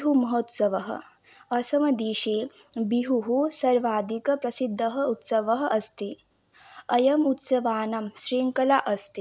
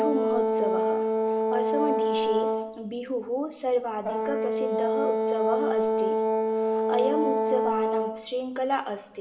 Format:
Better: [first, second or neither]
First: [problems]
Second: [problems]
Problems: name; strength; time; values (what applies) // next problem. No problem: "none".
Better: first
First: none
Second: background sound (Brass instrument); 5 dB above the speech // room echo; dies away in 2.6 s